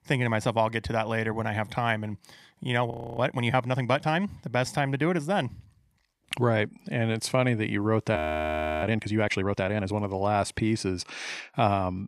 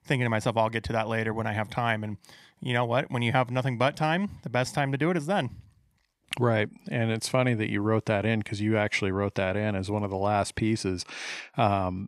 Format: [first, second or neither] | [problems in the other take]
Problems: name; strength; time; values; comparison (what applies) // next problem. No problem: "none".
second | audio freezing; at 3 s and at 8 s for 0.5 s